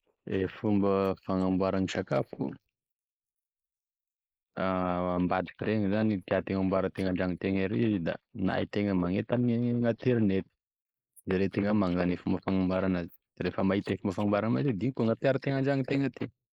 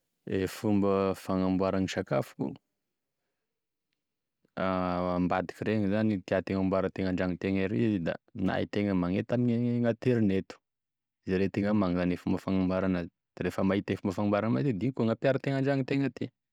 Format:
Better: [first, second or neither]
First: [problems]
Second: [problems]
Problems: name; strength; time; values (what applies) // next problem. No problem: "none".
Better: second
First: noise reduction (neural mask model Resemble Enhance denoiser)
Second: none